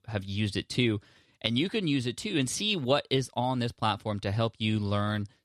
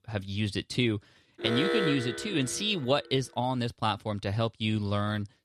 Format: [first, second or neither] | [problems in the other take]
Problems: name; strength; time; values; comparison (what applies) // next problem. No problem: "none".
first | alarm; loud; from 1.5 to 2.5 s; peak 2 dB above the speech